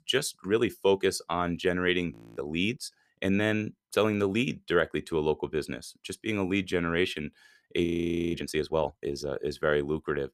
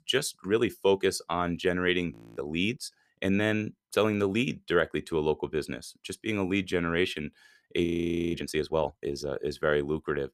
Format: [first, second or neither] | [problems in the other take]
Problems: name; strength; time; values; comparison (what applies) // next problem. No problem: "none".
neither | audio freezing; at 2 s and at 8 s; the same in both